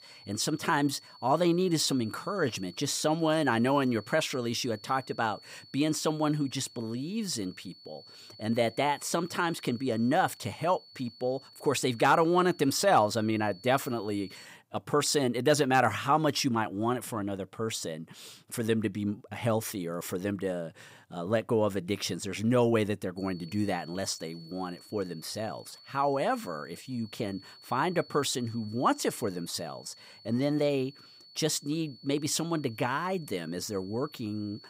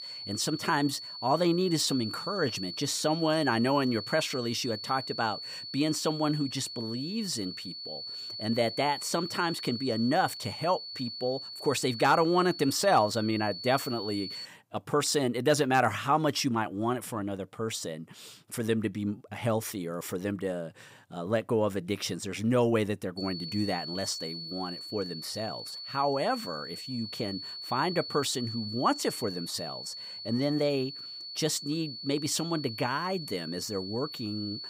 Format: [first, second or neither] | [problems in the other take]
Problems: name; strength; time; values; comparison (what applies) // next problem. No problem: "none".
first | high-pitched whine; loud; until 14 s and from 23 s on; 4.5 kHz, 8 dB below the speech; faint in the first